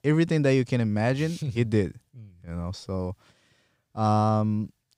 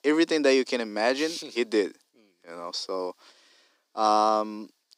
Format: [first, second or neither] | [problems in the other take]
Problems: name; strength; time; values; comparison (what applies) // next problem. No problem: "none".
first | thin; somewhat; fading below 300 Hz